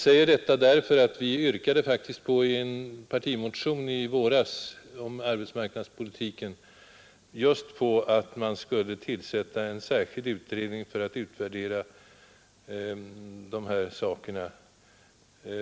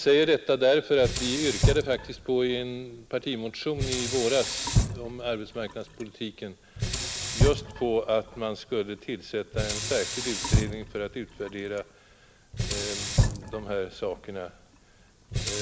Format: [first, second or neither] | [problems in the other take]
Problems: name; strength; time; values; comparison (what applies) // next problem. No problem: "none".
first | background sound (Sink (filling or washing)); 2 dB below the speech